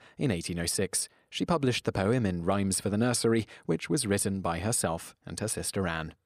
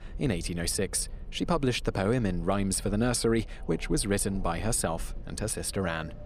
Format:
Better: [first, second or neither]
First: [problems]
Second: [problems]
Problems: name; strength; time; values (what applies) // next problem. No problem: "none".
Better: first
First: none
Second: wind in the background; noticeable; throughout; 15 dB below the speech